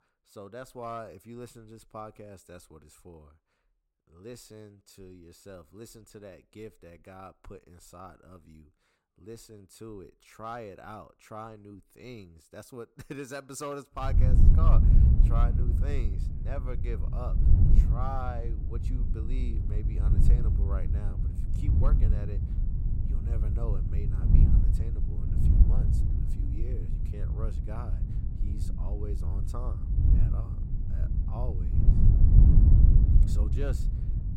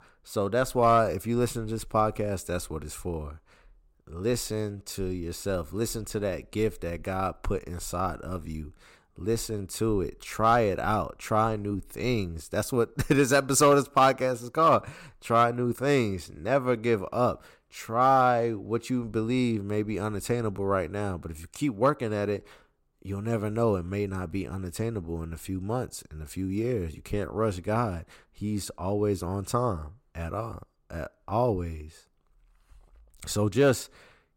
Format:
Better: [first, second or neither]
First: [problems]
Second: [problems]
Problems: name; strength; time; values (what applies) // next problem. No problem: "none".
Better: second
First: wind noise on the microphone; heavy; from 14 s on; as loud as the speech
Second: none